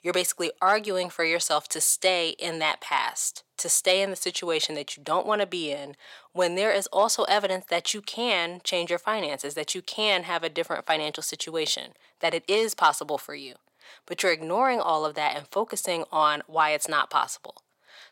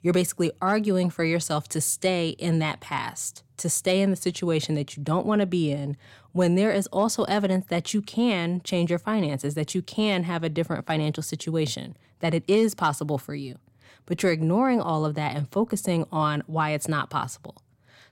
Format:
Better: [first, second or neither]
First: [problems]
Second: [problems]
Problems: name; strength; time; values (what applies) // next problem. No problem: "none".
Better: second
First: thin; very; fading below 650 Hz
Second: none